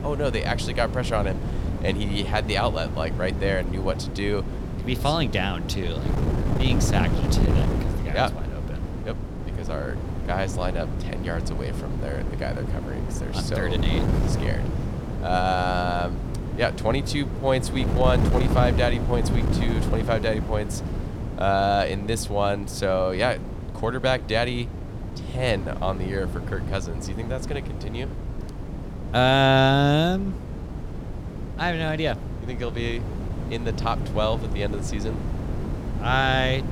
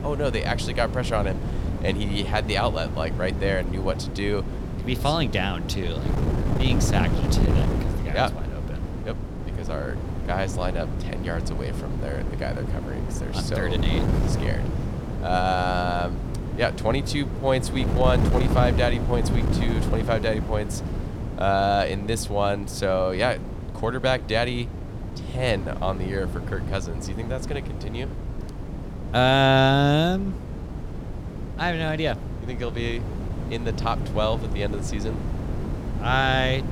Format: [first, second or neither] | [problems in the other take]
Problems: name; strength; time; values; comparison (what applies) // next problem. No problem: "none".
neither | wind noise on the microphone; occasional gusts; 10 dB below the speech; the same in both